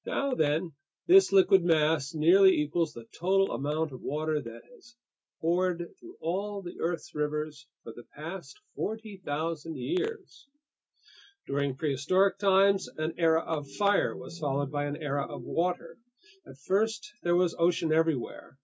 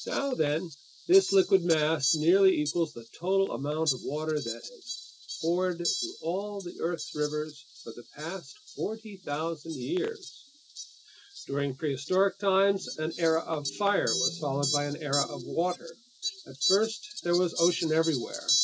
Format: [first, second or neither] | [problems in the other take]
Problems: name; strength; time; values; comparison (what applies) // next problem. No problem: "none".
first | background sound (Fowl); 8 dB below the speech